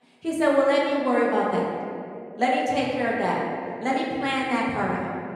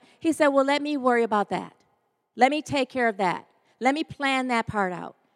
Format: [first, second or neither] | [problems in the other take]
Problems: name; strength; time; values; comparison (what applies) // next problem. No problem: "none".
second | room echo; noticeable; dies away in 2.3 s // off-mic speech; far